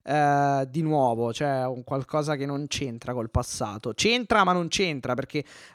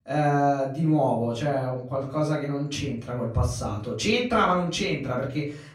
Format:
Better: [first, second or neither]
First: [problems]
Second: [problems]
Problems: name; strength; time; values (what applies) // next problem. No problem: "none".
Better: first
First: none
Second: off-mic speech; far // room echo; slight; dies away in 0.5 s